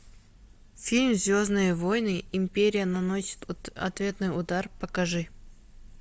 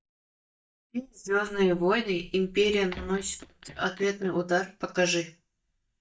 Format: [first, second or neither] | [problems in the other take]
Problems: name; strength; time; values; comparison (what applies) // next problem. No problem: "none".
first | noise reduction (neural mask model DeepFilterNet 3)